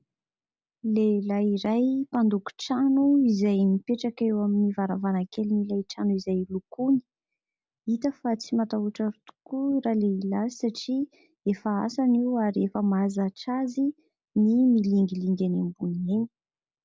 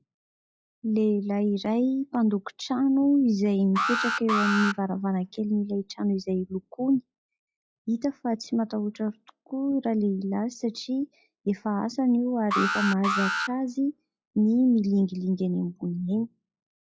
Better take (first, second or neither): first